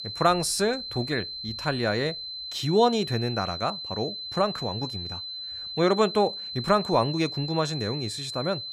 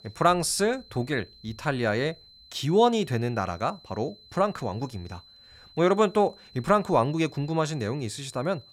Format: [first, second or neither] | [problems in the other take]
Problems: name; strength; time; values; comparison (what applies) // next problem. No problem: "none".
second | high-pitched whine; loud; throughout; 4 kHz, 7 dB below the speech; faint in the second